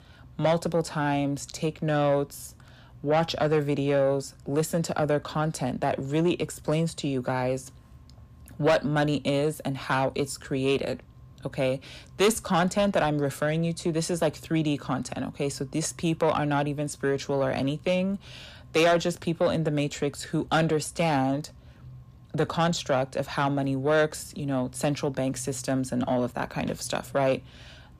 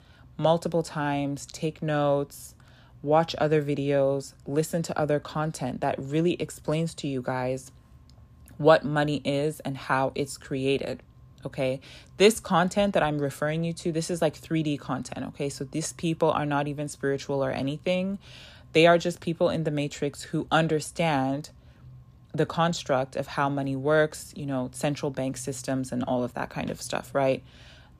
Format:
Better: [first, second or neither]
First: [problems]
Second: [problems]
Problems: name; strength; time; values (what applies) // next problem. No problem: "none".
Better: second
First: distortion; slight; 10 dB below the speech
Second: none